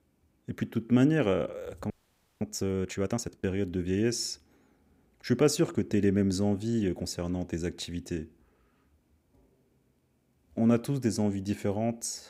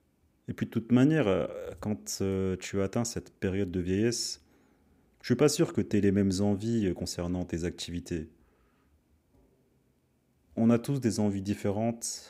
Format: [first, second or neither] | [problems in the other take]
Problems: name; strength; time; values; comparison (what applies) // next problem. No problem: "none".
second | audio freezing; at 2 s for 0.5 s